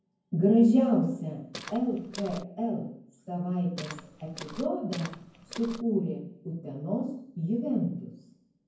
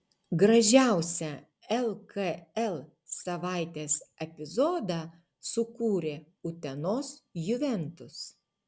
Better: second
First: background sound (Walk, footsteps); 14 dB below the speech // room echo; dies away in 0.9 s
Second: none

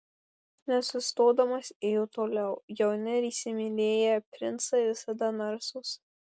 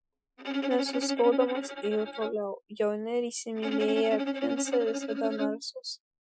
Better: first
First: none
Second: noise reduction (classical method Wiener filter)

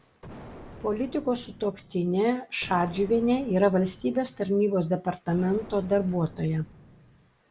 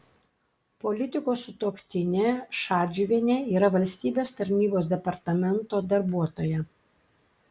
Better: second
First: background sound (Explosion); 19 dB below the speech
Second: none

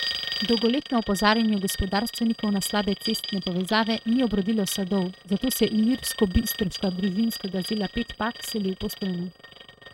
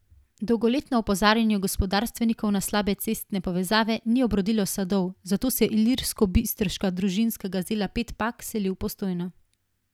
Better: second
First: noise reduction (neural mask model RNNoise)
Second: none

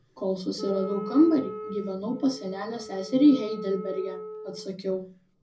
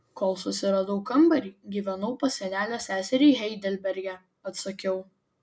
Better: second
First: background sound (Wind instrument, woodwind instrument); 12 dB below the speech // room echo; dies away in 0.4 s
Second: none

